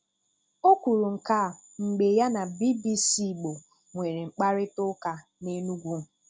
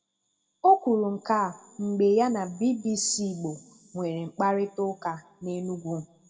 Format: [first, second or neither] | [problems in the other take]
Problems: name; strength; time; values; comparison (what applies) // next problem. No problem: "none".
first | room echo; dies away in 0.4 s